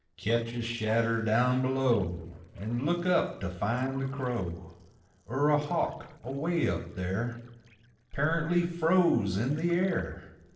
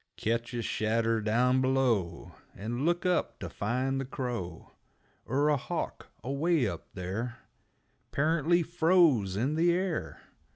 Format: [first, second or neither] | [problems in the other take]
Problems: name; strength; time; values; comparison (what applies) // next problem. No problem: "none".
second | noise reduction (neural separator model SepFormer DNS4)